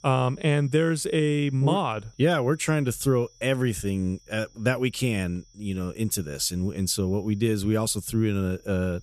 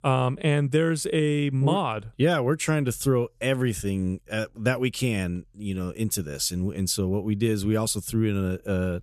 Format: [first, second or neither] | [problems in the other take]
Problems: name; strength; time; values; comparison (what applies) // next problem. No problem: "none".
second | high-pitched whine; faint; throughout; 6 kHz, 30 dB below the speech